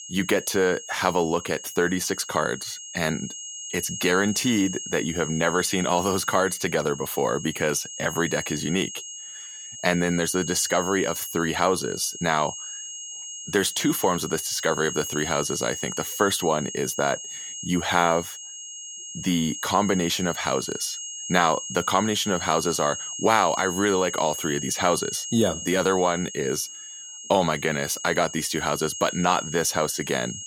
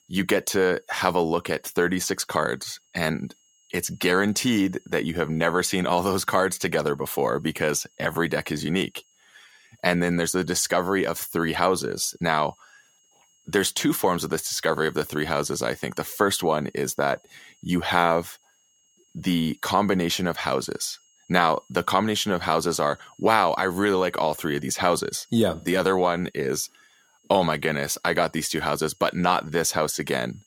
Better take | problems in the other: second | high-pitched whine; loud; throughout; 6.5 kHz, 8 dB below the speech; faint in the second

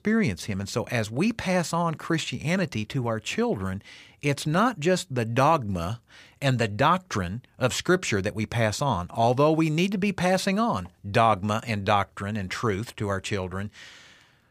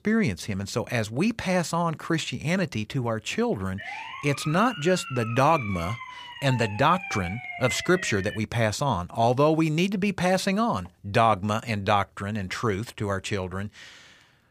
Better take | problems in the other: first | siren; noticeable; from 4 to 8.5 s; peak 7 dB below the speech

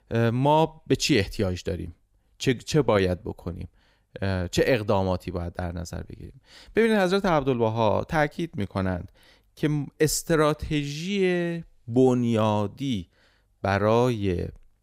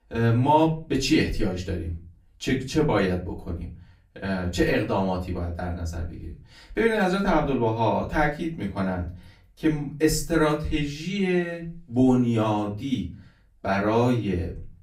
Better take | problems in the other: first | off-mic speech; far // room echo; very slight; dies away in 0.3 s

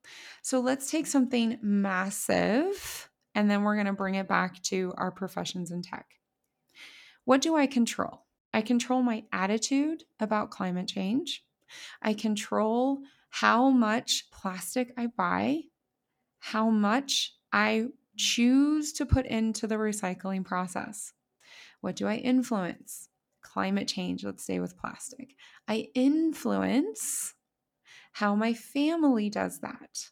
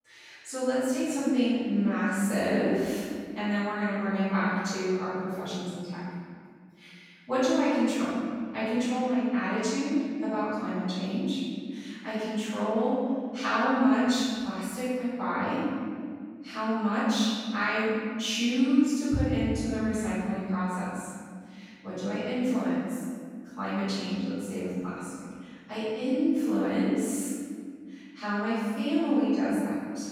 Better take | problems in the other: first | off-mic speech; far // room echo; strong; dies away in 2 s

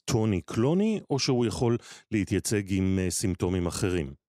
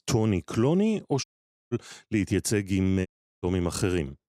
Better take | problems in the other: first | audio cutting out; at 1 s and at 3 s

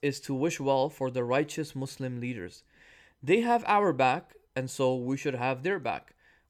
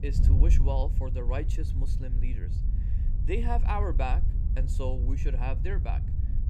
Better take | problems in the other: first | wind noise on the microphone; heavy; 9 dB below the speech

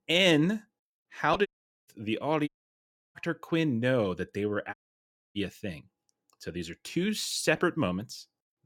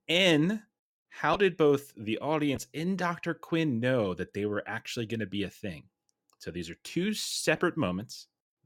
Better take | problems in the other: second | audio cutting out; at 1.5 s, at 2.5 s for 0.5 s and at 4.5 s for 0.5 s

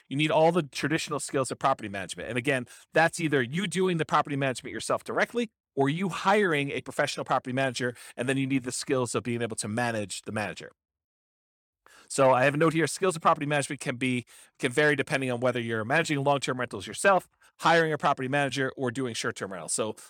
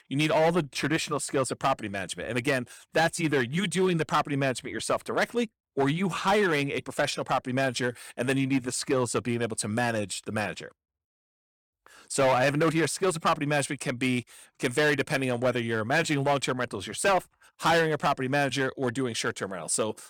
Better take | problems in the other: first | distortion; slight; 6% of the sound clipped

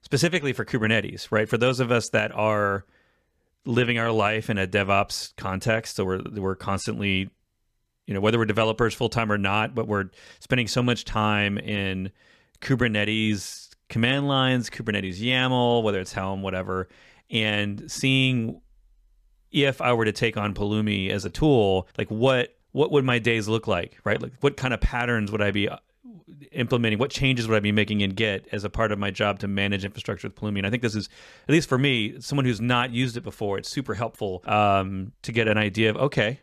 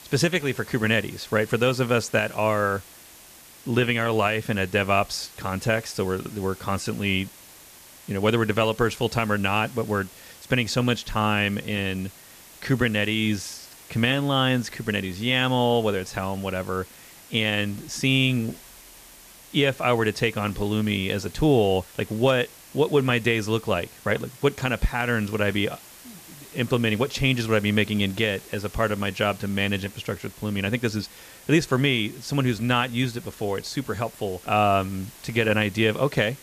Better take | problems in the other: first | hiss; faint; throughout; 20 dB below the speech

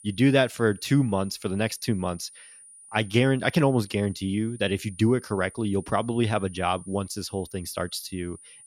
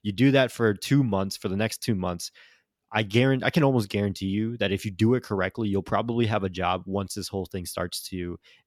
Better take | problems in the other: second | high-pitched whine; faint; throughout; 9.5 kHz, 20 dB below the speech

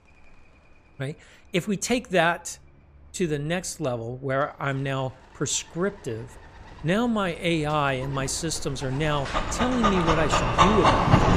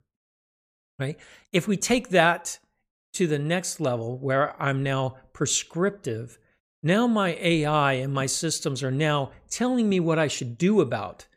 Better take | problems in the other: second | animal sounds; very loud; throughout; 3 dB above the speech

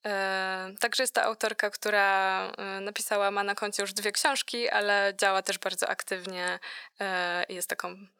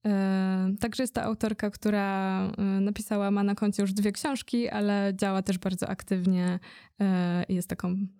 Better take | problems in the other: second | thin; very; fading below 550 Hz

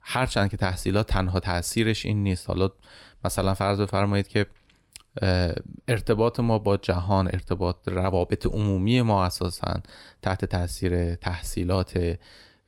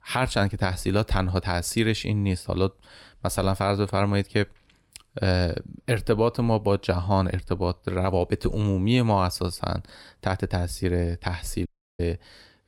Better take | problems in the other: first | audio cutting out; at 12 s

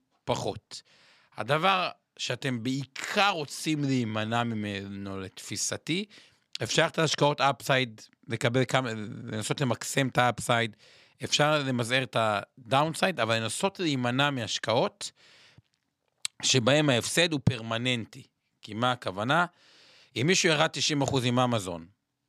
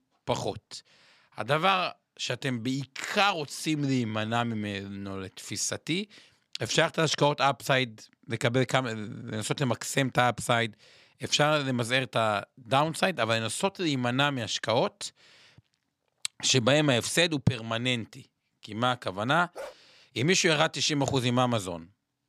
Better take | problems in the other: first | dog barking; faint; at 20 s; peak 15 dB below the speech

